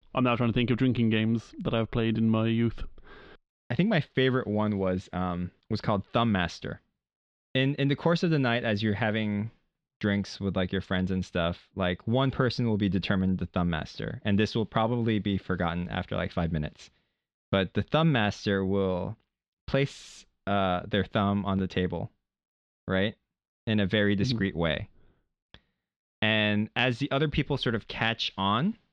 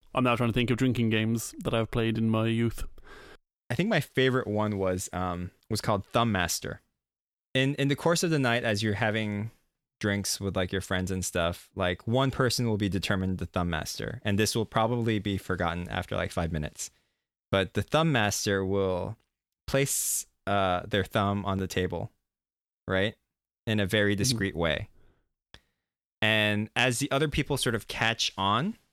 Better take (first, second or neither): second